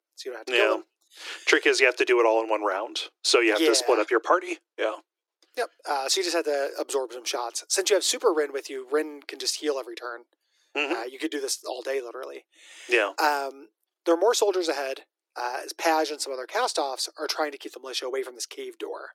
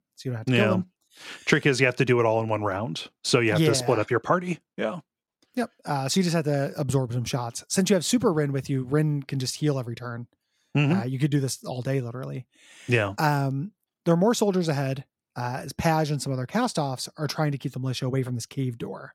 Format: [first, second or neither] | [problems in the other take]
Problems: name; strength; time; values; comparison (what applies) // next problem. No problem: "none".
second | thin; very; fading below 300 Hz